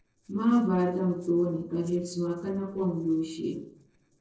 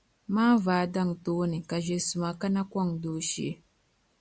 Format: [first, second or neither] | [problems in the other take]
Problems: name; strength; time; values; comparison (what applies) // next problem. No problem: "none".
second | noise reduction (neural separator model SepFormer DNS4)